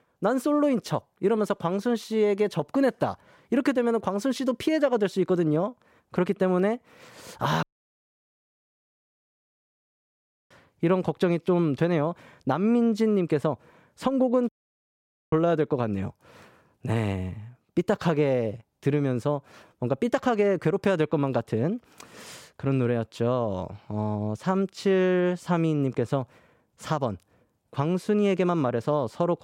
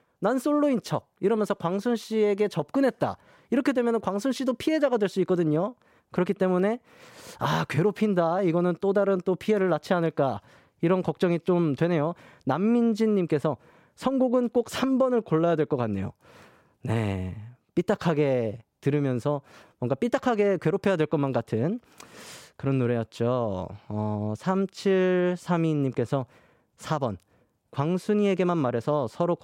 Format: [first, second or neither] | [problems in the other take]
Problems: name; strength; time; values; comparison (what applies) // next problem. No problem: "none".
second | audio cutting out; at 7.5 s for 3 s and at 14 s for 1 s